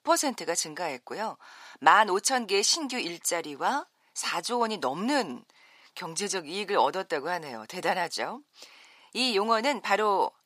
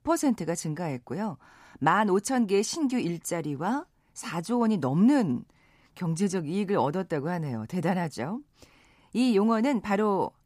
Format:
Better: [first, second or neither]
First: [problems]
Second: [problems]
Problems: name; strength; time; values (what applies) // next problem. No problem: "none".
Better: second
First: thin; somewhat; fading below 550 Hz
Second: none